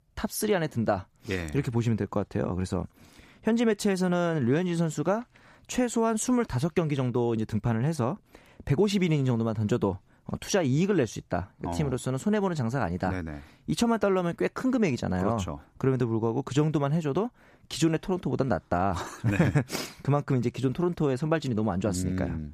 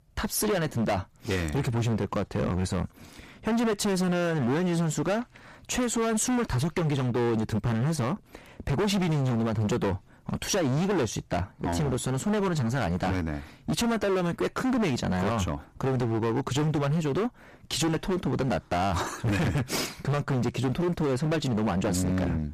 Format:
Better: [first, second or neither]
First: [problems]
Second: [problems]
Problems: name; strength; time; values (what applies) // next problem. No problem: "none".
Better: first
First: none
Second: distortion; heavy; 26% of the sound clipped